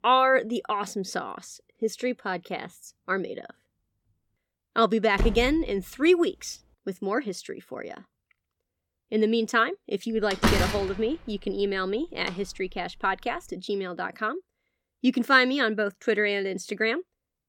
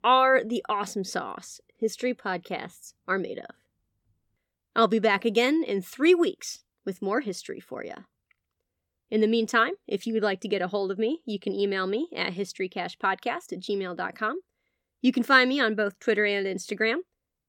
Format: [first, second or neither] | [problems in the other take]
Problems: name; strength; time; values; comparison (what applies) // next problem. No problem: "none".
second | door banging; noticeable; at 5 s; peak 4 dB below the speech // door banging; loud; from 10 to 12 s; peak 2 dB above the speech